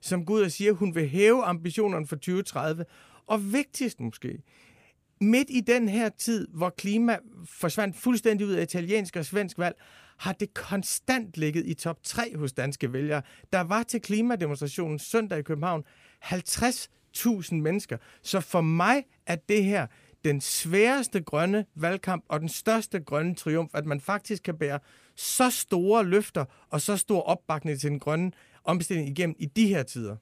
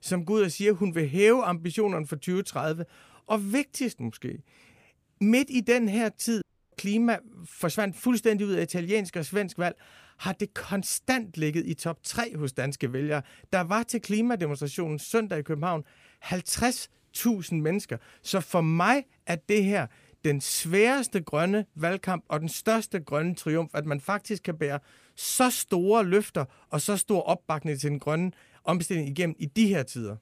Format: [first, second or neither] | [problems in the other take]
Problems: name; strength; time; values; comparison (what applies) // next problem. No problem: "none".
first | audio cutting out; at 6.5 s